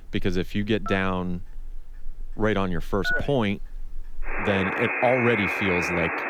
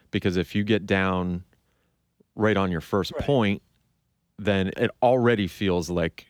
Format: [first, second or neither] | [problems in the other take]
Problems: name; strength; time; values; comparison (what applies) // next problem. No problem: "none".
second | alarms or sirens; loud; throughout; 1 dB below the speech